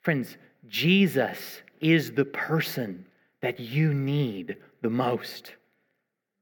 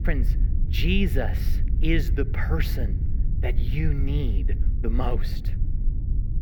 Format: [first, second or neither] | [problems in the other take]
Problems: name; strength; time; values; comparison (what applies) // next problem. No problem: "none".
first | low rumble; noticeable; throughout; 10 dB below the speech